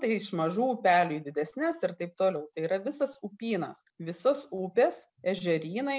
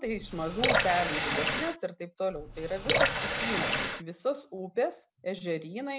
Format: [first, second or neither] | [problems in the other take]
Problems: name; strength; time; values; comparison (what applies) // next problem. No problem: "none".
first | background sound (Water tap, faucet / Water); 3 dB above the speech